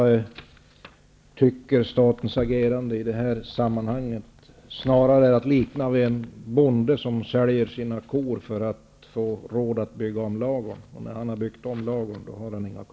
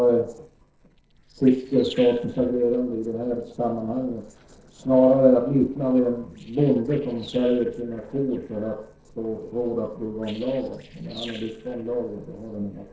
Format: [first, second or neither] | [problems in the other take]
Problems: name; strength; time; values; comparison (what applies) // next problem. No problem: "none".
first | noise reduction (neural separator model SepFormer DNS4)